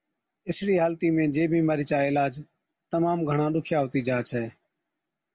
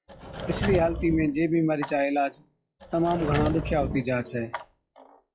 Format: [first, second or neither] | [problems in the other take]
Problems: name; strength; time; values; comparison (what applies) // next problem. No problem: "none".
first | noise reduction (classical method log-MMSE)